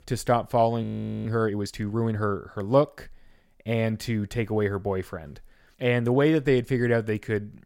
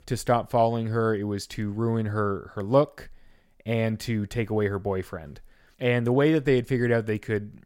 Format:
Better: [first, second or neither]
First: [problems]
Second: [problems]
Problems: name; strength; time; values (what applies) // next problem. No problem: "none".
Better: second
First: audio freezing; at 1 s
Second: none